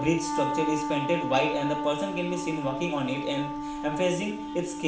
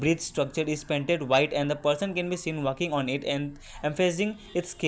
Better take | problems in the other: second | background sound (Wind instrument, woodwind instrument); 4 dB below the speech // room echo; dies away in 0.5 s

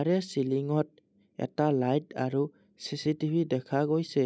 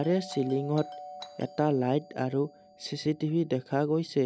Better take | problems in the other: first | background sound (Doorbell); 18 dB below the speech

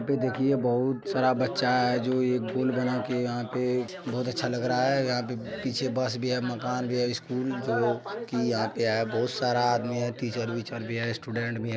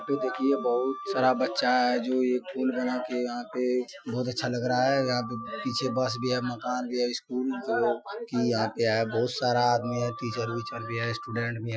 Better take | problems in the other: first | noise reduction (classical method Wiener filter)

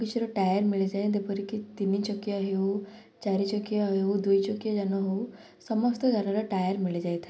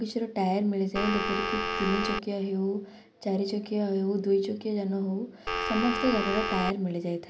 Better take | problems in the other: first | background sound (Telephone); 1 dB below the speech

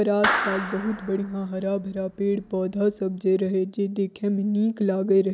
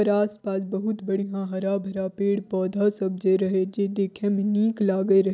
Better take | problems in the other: second | background sound (Clapping); 7 dB below the speech

